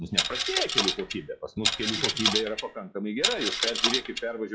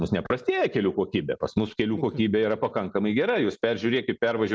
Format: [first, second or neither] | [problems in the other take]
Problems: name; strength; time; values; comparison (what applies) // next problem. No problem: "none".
second | noise reduction (classical method log-MMSE)